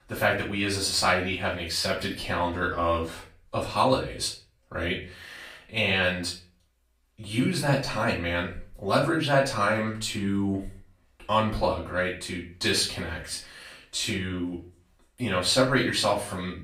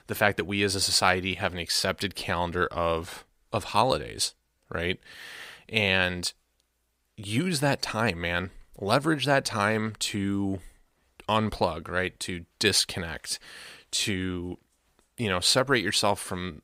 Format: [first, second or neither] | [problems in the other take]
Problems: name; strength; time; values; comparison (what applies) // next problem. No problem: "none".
second | room echo; slight; dies away in 0.3 s // off-mic speech; far